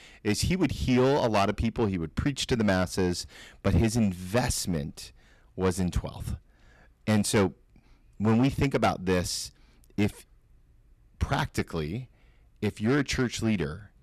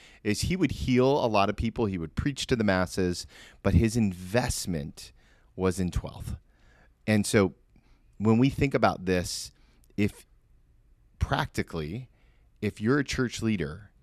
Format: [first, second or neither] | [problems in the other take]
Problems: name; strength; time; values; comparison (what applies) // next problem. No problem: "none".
second | distortion; slight; 5% of the sound clipped